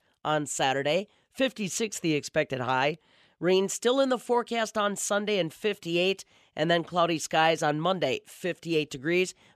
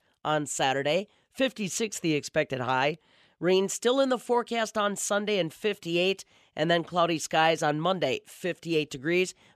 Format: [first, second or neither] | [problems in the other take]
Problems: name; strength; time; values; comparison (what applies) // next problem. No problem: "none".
neither | none